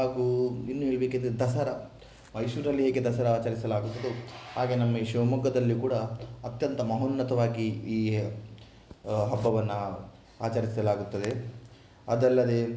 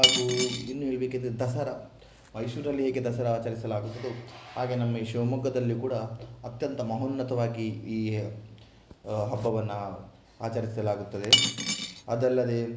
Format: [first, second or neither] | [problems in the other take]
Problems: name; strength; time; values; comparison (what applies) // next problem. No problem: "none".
first | background sound (Cutlery, silverware / Dishes, pots, and pans); 5 dB above the speech